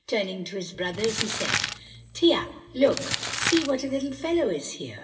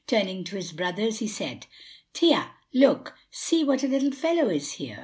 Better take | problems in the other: second | background sound (Crumpling, crinkling); 5 dB below the speech // room echo; dies away in 2.9 s

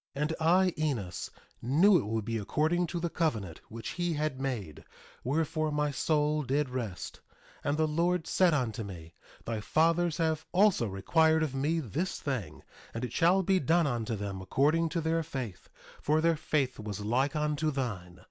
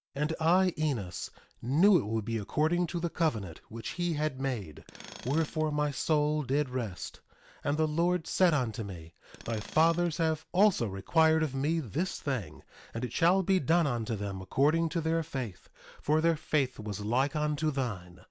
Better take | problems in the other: first | background sound (Tools); 19 dB below the speech

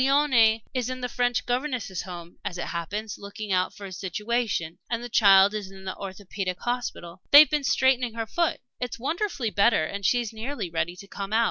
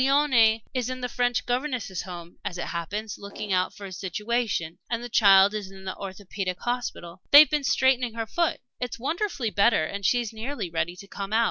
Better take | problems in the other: first | background sound (Fart); 18 dB below the speech

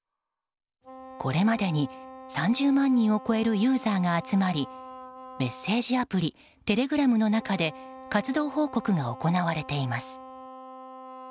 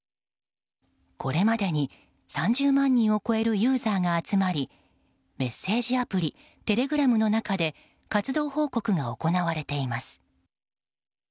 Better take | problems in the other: second | background sound (Wind instrument, woodwind instrument); 17 dB below the speech

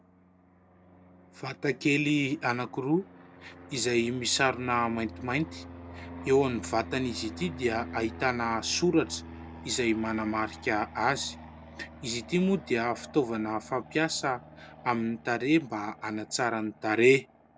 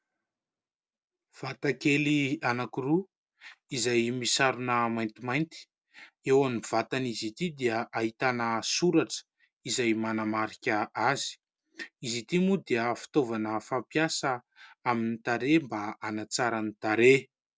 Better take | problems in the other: second | background sound (Fixed-wing aircraft, airplane); 16 dB below the speech

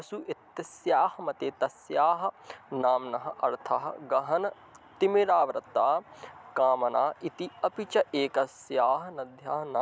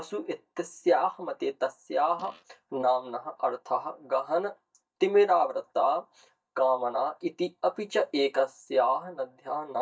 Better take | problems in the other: first | noise reduction (neural mask model DeepFilterNet 3)

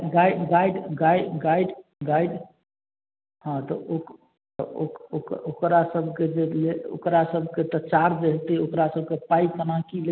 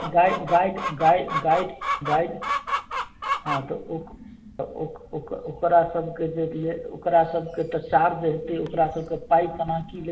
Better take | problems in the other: first | background sound (Chicken, rooster); 9 dB below the speech // room echo; dies away in 0.2 s

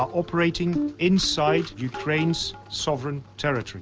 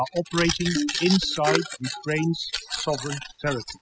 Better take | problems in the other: first | noise reduction (classical method spectral subtraction)

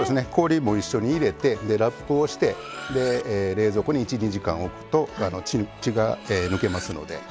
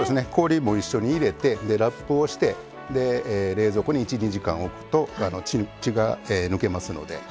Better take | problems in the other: second | background sound (Cutlery, silverware); 18 dB below the speech

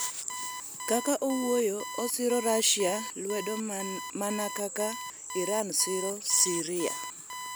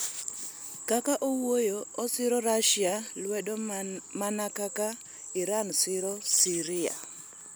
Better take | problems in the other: second | background sound (Alarm); 11 dB below the speech

